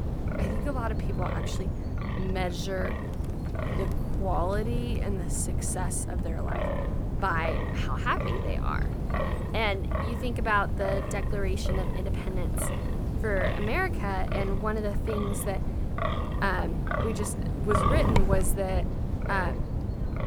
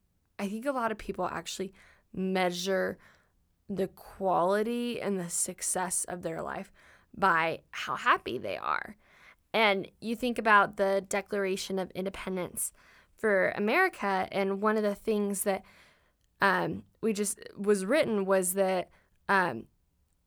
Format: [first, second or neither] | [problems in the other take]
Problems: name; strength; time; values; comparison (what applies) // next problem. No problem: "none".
second | wind noise on the microphone; heavy; 4 dB below the speech